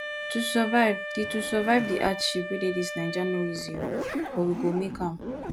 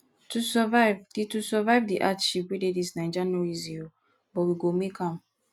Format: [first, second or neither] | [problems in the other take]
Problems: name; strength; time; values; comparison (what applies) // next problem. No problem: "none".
second | background sound (Wind instrument, woodwind instrument + Zipper (clothing)); 6 dB below the speech